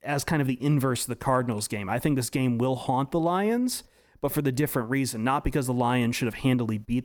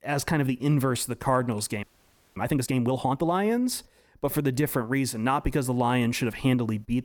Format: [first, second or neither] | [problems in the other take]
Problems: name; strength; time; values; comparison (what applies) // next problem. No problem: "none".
first | audio freezing; at 2 s for 0.5 s